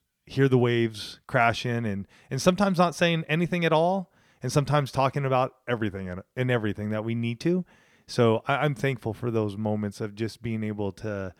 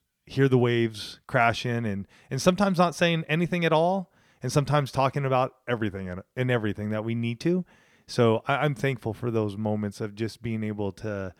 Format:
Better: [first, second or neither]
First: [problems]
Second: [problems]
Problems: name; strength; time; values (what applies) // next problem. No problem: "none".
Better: neither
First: none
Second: none